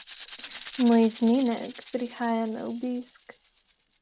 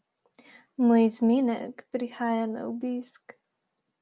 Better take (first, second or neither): second